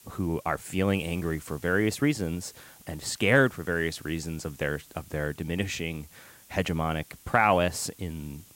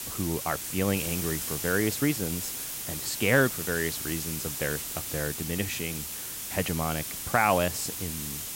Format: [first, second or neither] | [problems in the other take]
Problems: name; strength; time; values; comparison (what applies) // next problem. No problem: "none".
first | hiss; loud; throughout; 3 dB below the speech; faint in the first